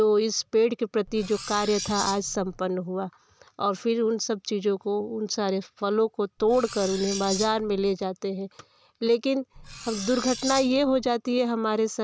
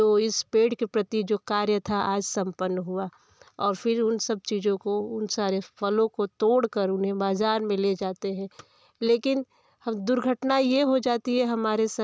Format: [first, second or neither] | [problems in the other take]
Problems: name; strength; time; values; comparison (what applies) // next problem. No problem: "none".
second | background sound (Cutlery, silverware); 11 dB below the speech